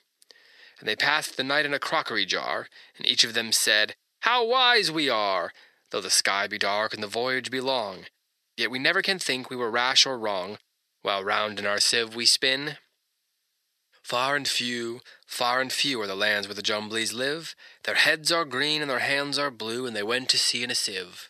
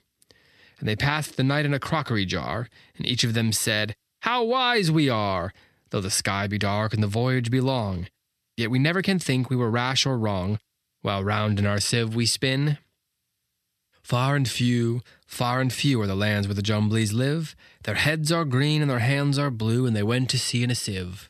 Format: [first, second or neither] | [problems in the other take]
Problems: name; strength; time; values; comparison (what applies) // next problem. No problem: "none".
second | thin; very; fading below 500 Hz